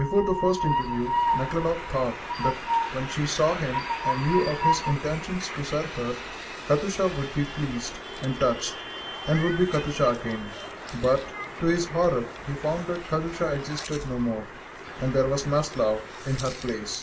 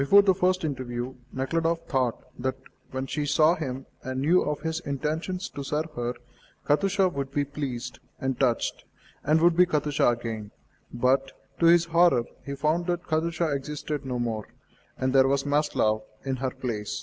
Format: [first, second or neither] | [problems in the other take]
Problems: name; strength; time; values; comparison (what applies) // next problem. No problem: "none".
second | background sound (Train); 5 dB below the speech // room echo; dies away in 0.2 s